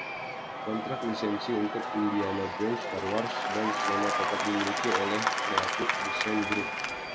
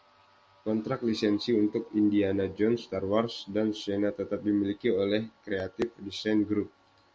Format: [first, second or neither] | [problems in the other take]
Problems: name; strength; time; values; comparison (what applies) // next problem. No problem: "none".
second | background sound (Applause / Crowd / Cheering); 2 dB above the speech